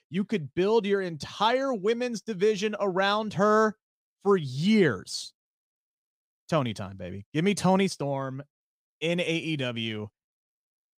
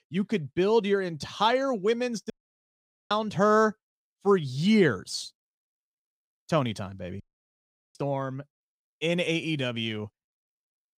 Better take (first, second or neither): first